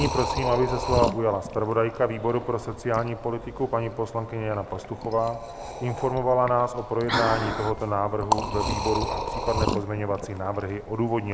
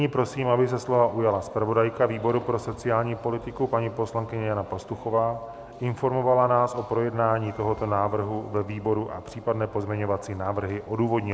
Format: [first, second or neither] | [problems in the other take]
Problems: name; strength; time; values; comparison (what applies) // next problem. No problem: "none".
second | background sound (Liquid); 5 dB below the speech